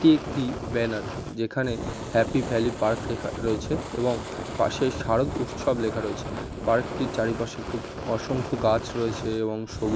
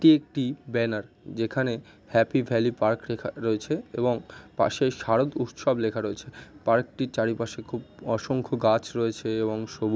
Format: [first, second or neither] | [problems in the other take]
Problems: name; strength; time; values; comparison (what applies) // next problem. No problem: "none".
second | background sound (Fire); 7 dB below the speech